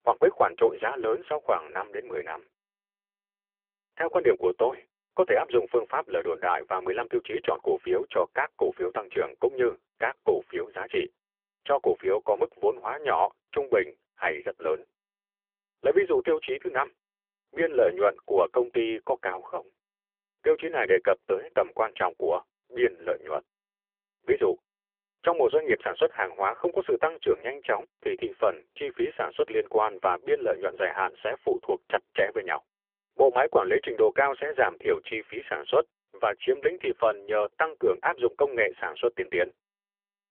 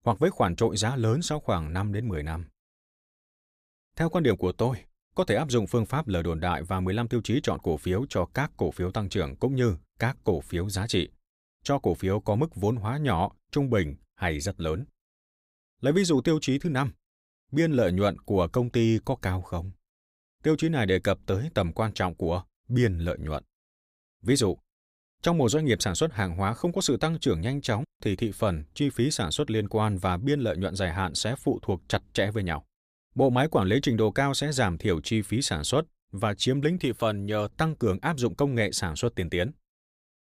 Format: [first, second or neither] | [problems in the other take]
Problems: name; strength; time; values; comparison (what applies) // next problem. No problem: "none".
second | phone-call audio; poor line; nothing above 3.5 kHz